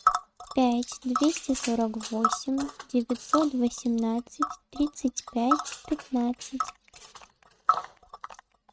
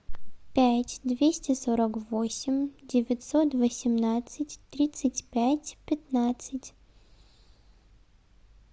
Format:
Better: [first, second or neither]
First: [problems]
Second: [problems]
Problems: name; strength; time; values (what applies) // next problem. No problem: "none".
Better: second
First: noise reduction (neural mask model RNNoise)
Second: none